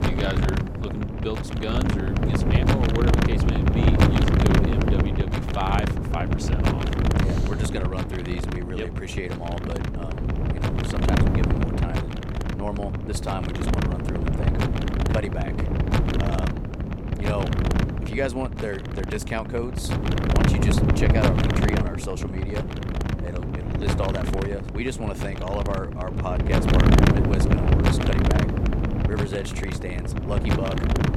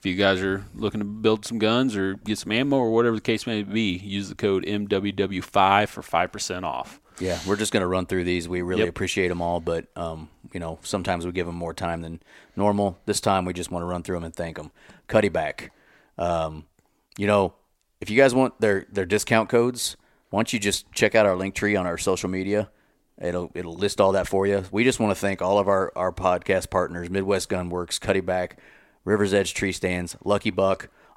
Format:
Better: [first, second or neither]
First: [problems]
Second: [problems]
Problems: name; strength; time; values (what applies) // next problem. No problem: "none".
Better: second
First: wind noise on the microphone; heavy; 3 dB above the speech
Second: none